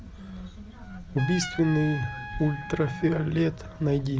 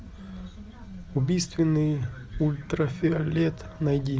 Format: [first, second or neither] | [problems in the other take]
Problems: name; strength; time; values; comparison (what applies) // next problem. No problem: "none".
second | background sound (Trumpet); 13 dB below the speech